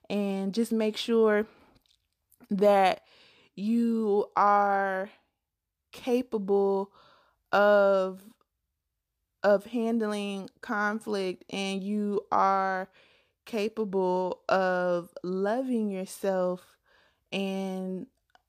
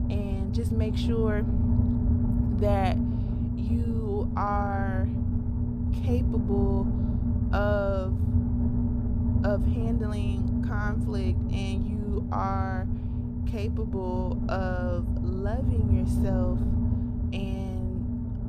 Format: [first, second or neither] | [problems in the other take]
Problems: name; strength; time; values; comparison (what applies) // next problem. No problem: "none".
first | low rumble; loud; throughout; 4 dB below the speech